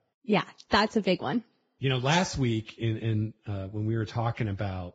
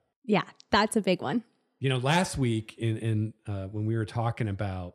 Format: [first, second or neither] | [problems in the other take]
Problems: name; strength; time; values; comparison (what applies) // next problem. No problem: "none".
second | garbled, watery; badly; nothing above 7.5 kHz